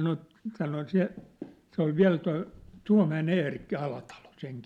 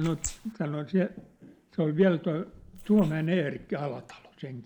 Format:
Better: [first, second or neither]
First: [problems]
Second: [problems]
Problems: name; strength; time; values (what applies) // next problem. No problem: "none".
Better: first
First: none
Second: noise reduction (neural mask model Resemble Enhance denoiser)